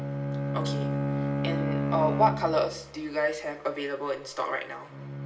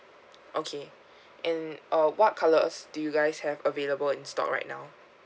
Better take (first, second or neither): second